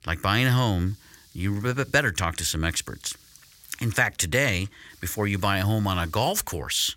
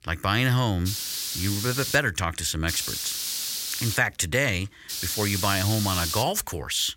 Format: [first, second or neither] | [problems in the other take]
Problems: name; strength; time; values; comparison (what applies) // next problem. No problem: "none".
first | hiss; loud; from 1 to 2 s, from 2.5 to 4 s and from 5 to 6 s; 3 dB below the speech; faint in the first